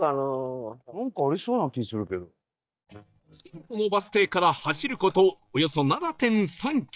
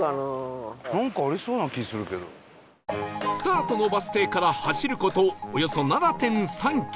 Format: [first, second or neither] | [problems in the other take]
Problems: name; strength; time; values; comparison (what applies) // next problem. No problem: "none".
second | noise reduction (neural mask model DeepFilterNet 3)